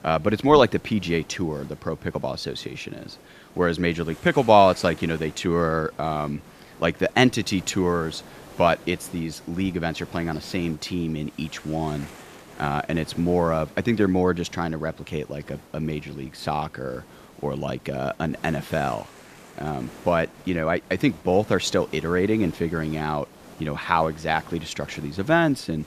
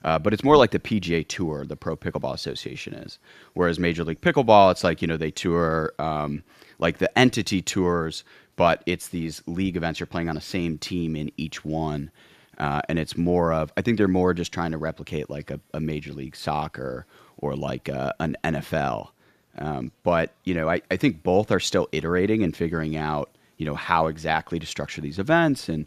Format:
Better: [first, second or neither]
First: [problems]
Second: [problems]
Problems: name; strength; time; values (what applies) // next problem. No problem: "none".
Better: second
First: hiss; faint; throughout; 20 dB below the speech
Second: none